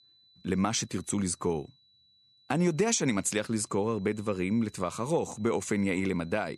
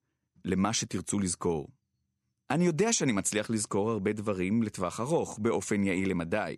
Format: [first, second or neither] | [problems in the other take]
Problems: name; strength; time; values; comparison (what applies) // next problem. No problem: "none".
second | high-pitched whine; faint; throughout; 4 kHz, 30 dB below the speech